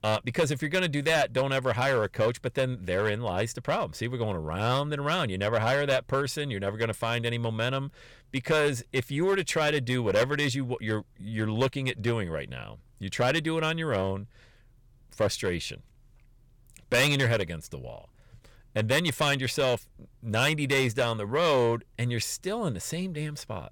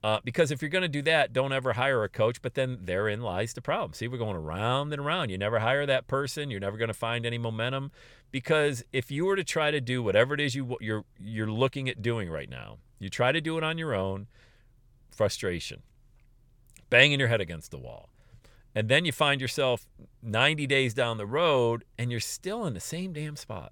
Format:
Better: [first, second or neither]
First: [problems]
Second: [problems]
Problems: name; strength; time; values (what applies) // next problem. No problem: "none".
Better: second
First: distortion; slight; 5% of the sound clipped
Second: none